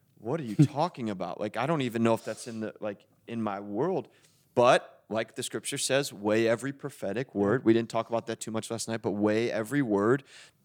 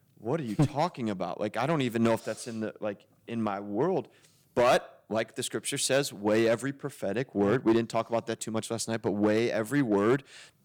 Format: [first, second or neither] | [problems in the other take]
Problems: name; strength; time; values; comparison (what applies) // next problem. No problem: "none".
first | distortion; slight; 3% of the sound clipped